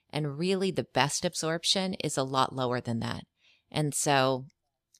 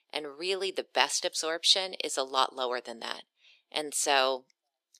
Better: first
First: none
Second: thin; very; fading below 350 Hz

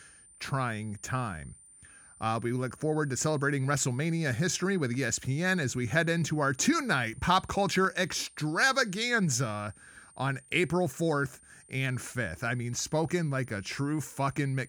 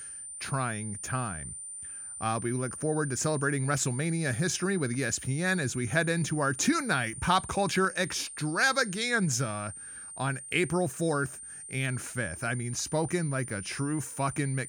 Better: first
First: high-pitched whine; faint; throughout; 9 kHz, 25 dB below the speech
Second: high-pitched whine; loud; throughout; 9 kHz, 10 dB below the speech

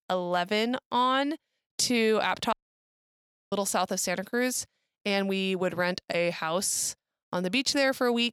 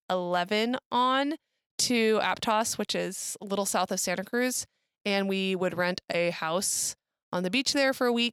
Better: second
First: audio cutting out; at 2.5 s for 1 s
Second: none

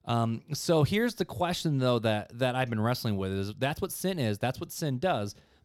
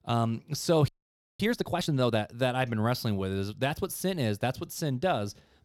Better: first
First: none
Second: audio freezing; at 1 s for 0.5 s

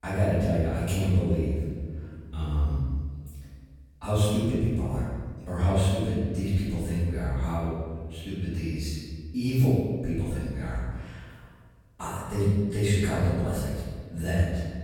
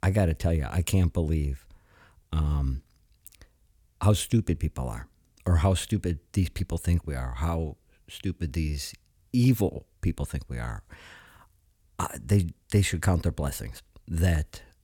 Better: second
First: off-mic speech; far // room echo; strong; dies away in 1.5 s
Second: none

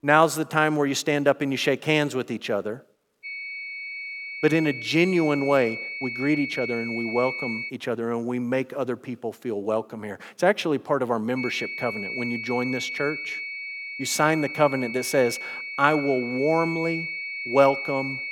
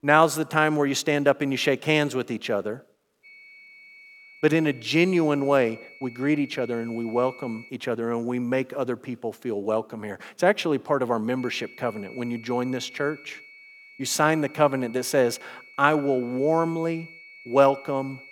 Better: second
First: high-pitched whine; loud; from 3 to 7.5 s and from 11 s on; 2 kHz, 6 dB below the speech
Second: high-pitched whine; faint; from 3 to 7.5 s and from 11 s on; 2 kHz, 20 dB below the speech

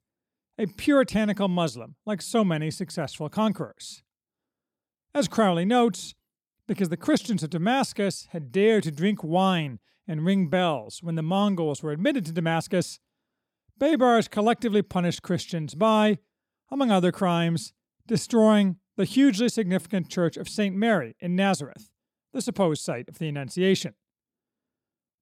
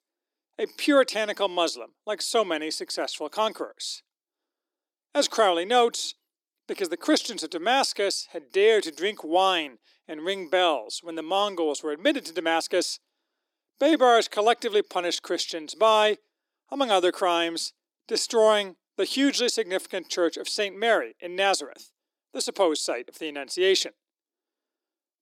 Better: first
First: none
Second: thin; somewhat; fading below 300 Hz

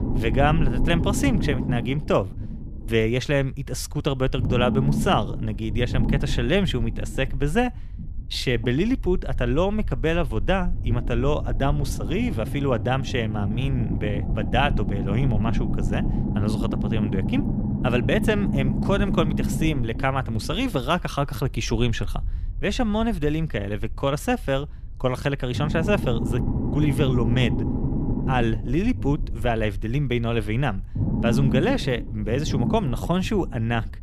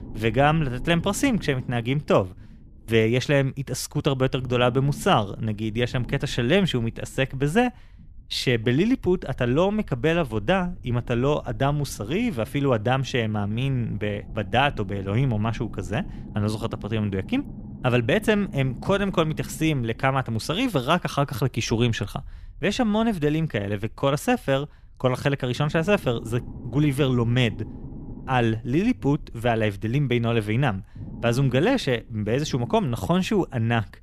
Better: second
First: low rumble; loud; throughout; 8 dB below the speech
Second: low rumble; faint; throughout; 25 dB below the speech

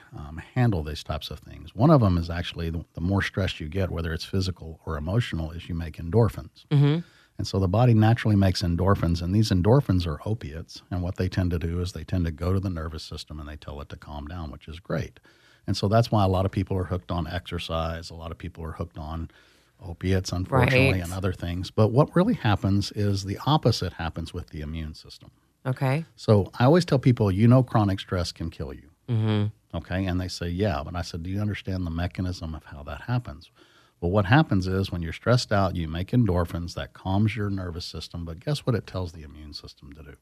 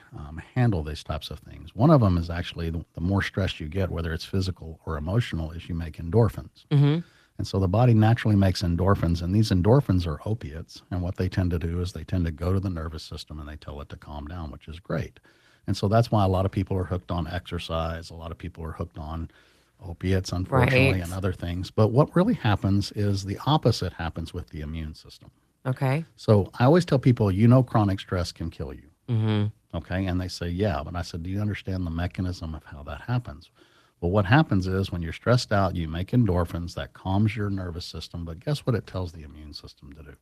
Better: first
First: none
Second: garbled, watery; slightly; nothing above 14.5 kHz

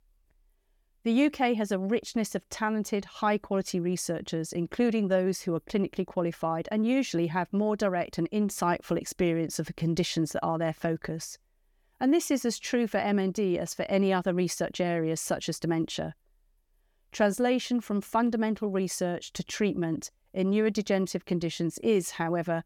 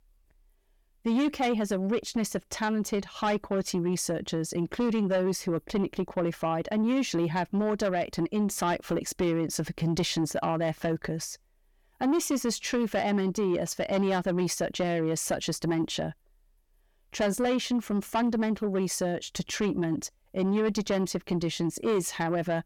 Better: first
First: none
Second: distortion; slight; 10 dB below the speech

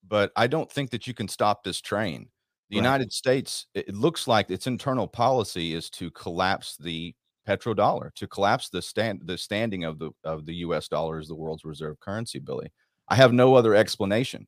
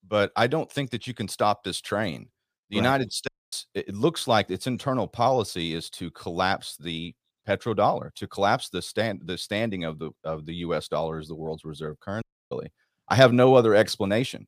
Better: first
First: none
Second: audio cutting out; at 3.5 s and at 12 s

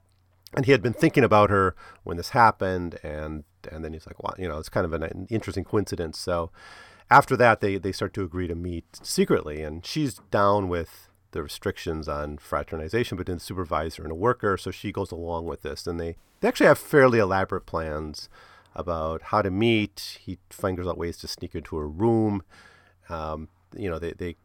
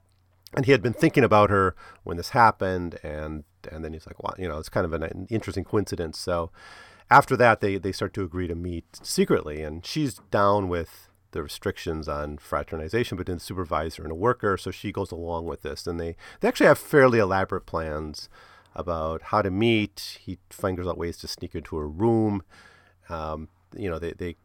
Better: second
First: audio cutting out; at 16 s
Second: none

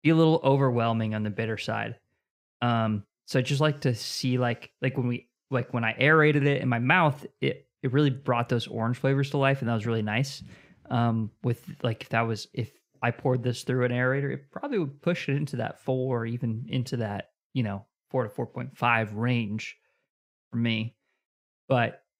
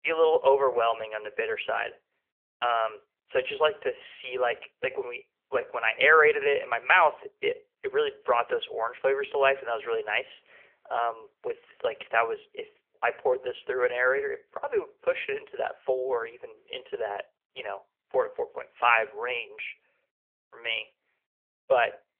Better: first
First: none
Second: phone-call audio; nothing above 3 kHz

